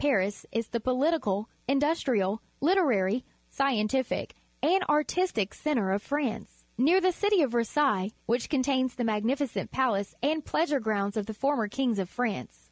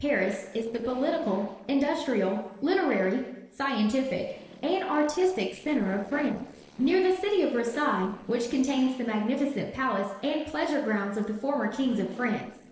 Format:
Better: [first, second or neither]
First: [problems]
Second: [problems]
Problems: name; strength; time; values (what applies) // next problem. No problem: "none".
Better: first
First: none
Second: noise reduction (neural separator model SepFormer DNS4)